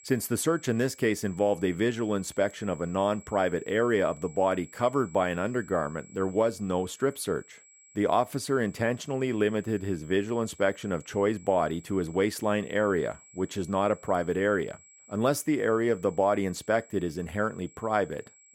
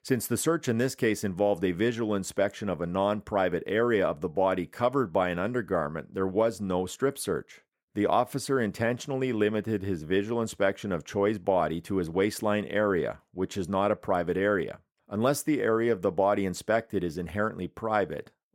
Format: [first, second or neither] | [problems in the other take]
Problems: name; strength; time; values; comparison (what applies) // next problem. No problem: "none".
second | high-pitched whine; faint; throughout; 7.5 kHz, 25 dB below the speech